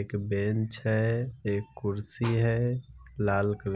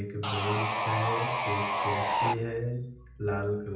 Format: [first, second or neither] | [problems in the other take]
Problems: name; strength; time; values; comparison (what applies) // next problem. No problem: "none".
first | background sound (Sawing); 3 dB above the speech // room echo; dies away in 0.6 s